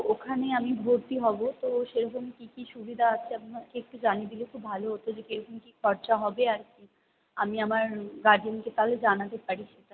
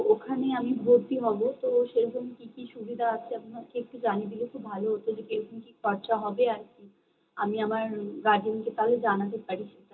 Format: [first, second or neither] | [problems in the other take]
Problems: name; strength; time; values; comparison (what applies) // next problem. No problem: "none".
first | room echo; dies away in 0.2 s